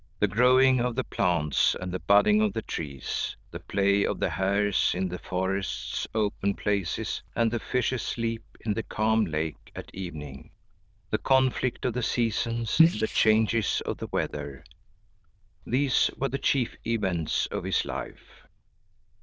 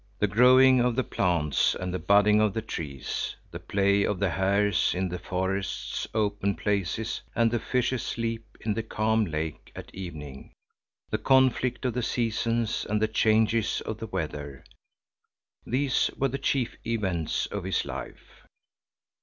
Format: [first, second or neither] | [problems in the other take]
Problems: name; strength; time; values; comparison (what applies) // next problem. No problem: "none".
second | noise reduction (neural diffusion model UNIVERSE++)